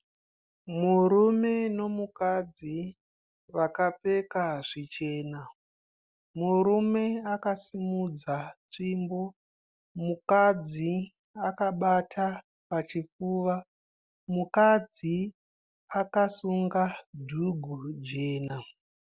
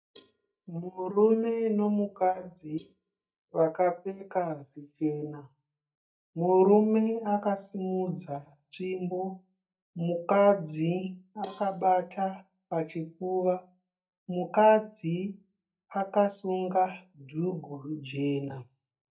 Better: first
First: none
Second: noise reduction (neural mask model DeepFilterNet 3)

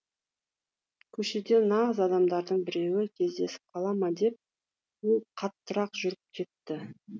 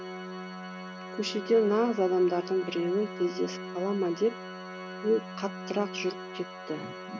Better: first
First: none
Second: background sound (Organ); 10 dB below the speech

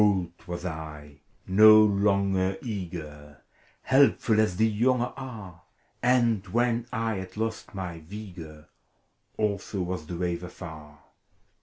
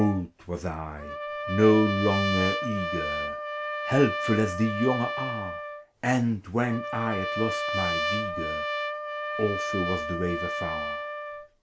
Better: first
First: none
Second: background sound (Trumpet); 3 dB below the speech

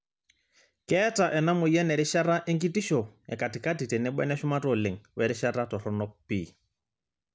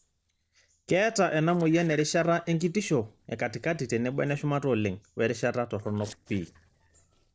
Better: first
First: none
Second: noise reduction (neural separator model SepFormer DNS4)

